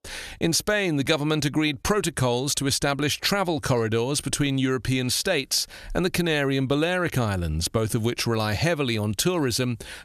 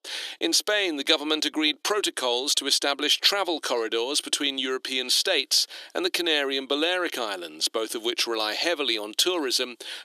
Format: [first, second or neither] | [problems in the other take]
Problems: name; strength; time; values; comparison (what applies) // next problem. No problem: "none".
first | thin; somewhat; fading below 300 Hz